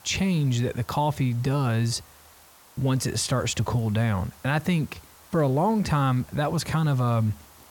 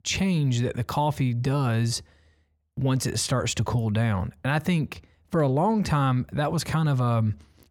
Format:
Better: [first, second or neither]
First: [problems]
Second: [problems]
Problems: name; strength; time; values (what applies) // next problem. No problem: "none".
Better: second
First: hiss; faint; throughout; 25 dB below the speech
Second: none